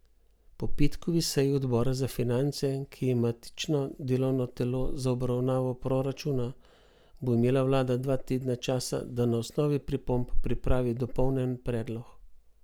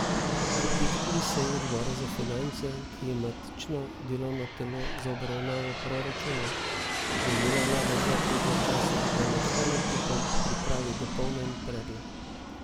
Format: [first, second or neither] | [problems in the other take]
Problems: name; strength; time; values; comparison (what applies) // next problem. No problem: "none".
first | background sound (Aircraft + Fixed-wing aircraft, airplane); 2 dB above the speech